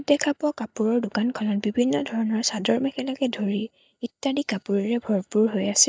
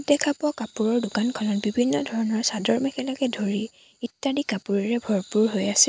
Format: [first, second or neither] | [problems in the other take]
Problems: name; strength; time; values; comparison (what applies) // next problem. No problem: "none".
second | noise reduction (neural mask model DeepFilterNet 3)